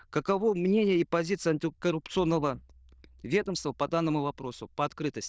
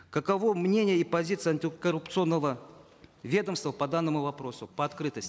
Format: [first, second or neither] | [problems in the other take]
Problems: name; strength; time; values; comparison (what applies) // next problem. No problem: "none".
second | noise reduction (neural diffusion model UNIVERSE++)